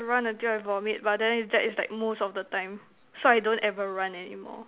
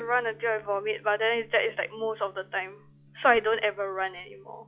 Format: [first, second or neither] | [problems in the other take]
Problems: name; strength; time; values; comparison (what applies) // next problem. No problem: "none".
first | noise reduction (classical method log-MMSE)